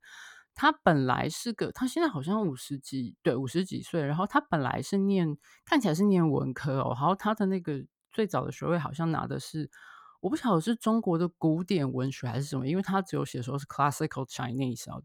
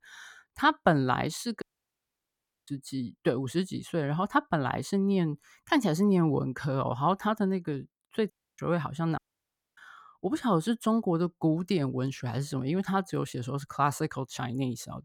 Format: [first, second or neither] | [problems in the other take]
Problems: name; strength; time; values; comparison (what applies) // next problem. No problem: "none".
first | audio cutting out; at 1.5 s for 1 s, at 8.5 s and at 9 s for 0.5 s